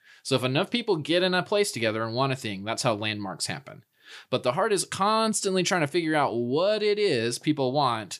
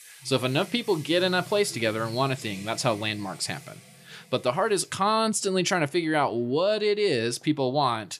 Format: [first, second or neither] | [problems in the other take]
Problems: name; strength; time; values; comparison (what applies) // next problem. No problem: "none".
first | household noises; noticeable; throughout; 20 dB below the speech